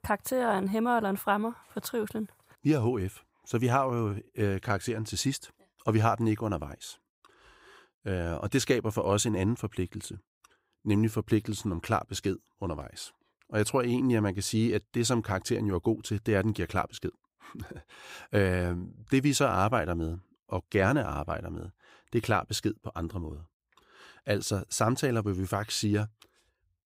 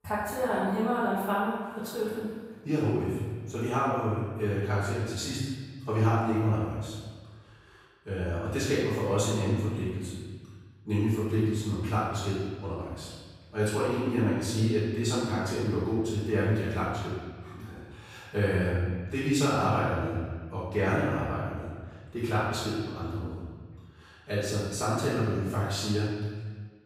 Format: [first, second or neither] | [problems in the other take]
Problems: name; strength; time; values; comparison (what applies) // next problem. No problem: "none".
first | room echo; strong; dies away in 1.5 s // off-mic speech; far